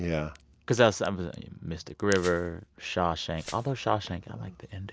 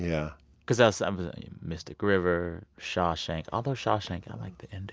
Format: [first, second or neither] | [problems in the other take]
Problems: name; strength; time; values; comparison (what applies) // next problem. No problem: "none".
second | background sound (Crack + Glass); 19 dB below the speech